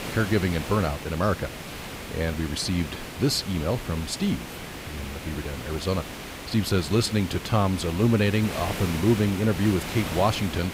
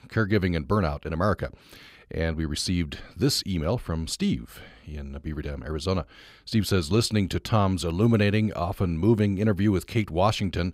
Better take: second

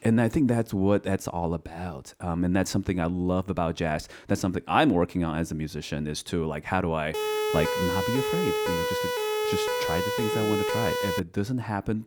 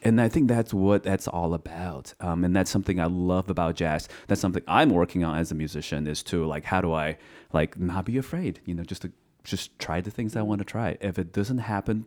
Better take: second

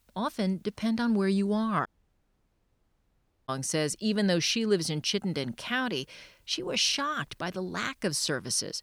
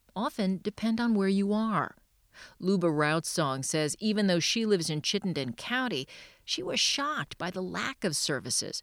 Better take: second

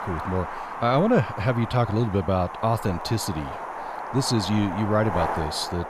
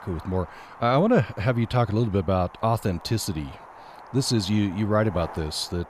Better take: second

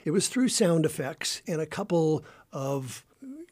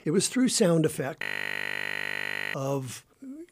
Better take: first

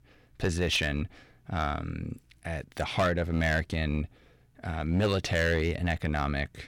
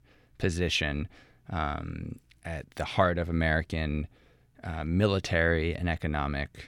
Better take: second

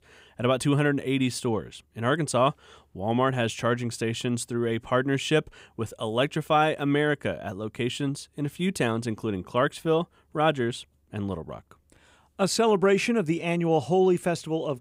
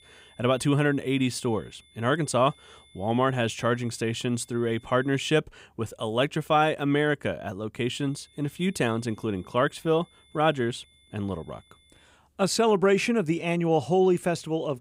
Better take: first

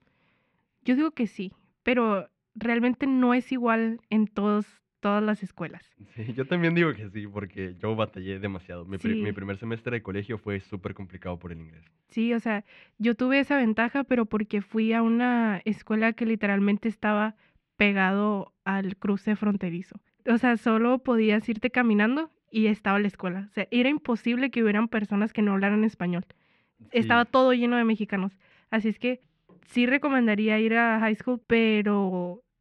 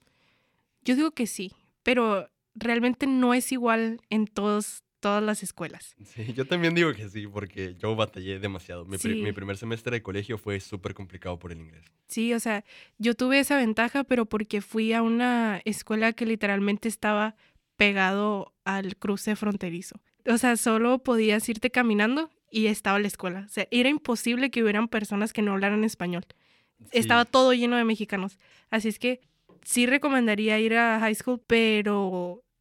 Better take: second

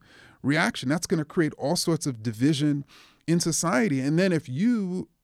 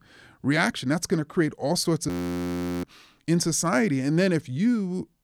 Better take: first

